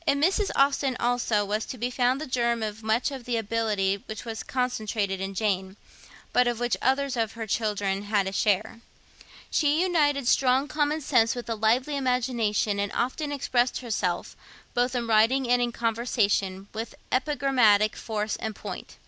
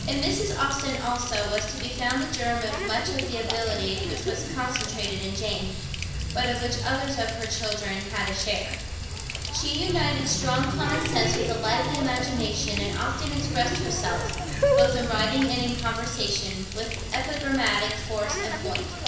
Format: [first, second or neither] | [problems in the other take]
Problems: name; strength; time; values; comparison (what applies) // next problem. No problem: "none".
first | background sound (Water tap, faucet); 1 dB below the speech // room echo; dies away in 0.9 s